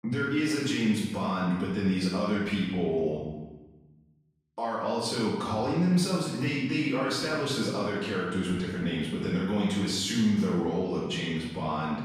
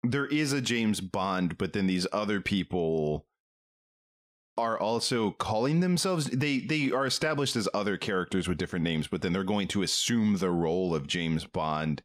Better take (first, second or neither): second